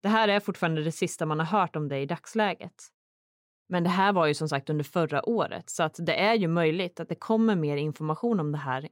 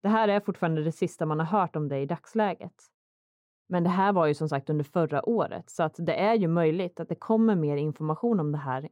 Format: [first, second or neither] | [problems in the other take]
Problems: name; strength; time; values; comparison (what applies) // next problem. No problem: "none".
first | muffled; slightly; fading above 1.5 kHz